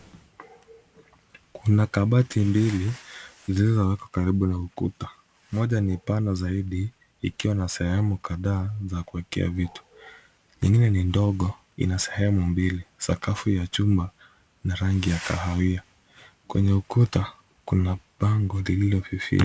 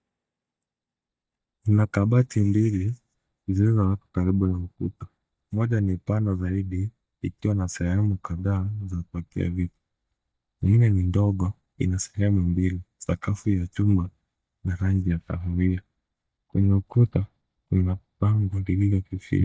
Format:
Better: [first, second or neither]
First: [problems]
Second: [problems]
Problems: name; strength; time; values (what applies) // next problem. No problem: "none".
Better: first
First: none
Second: noise reduction (neural mask model DeepFilterNet 3)